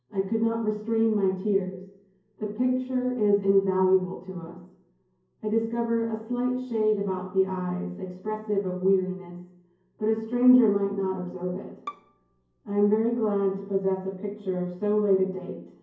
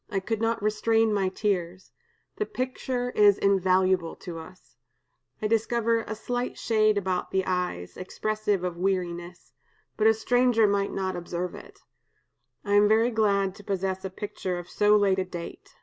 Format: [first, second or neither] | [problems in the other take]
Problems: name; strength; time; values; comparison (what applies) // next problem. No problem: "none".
second | background sound (Bowed string instrument); 20 dB below the speech // room echo; dies away in 0.9 s